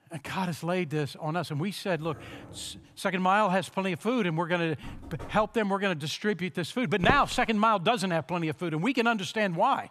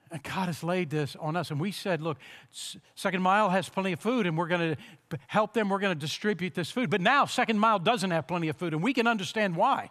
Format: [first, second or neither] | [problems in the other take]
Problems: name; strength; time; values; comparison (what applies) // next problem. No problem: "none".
second | dog barking; faint; from 2 to 3 s; peak 20 dB below the speech // door banging; faint; at 5 s; peak 15 dB below the speech // footsteps; noticeable; at 7 s; peak 4 dB below the speech